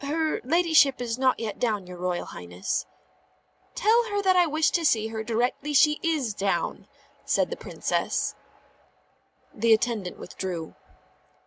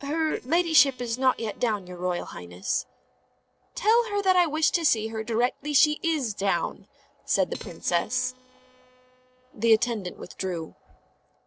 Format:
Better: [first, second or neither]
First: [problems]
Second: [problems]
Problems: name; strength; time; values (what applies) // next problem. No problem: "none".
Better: first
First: none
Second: noise reduction (neural separator model SepFormer DNS4)